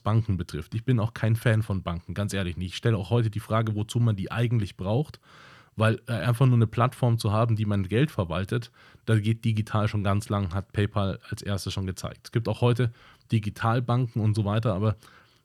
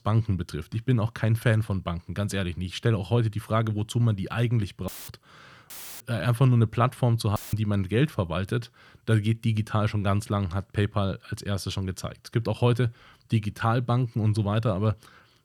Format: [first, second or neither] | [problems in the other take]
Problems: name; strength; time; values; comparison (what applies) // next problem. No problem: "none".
first | audio cutting out; filled with static; at 5 s, at 5.5 s and at 7.5 s